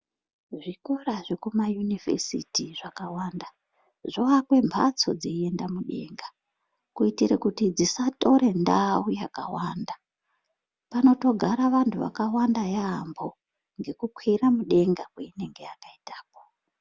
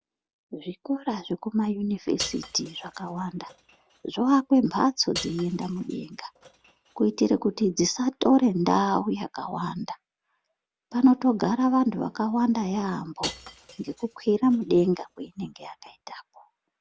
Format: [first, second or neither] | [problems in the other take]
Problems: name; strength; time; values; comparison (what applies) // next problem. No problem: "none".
first | background sound (Shatter / Crushing); 17 dB below the speech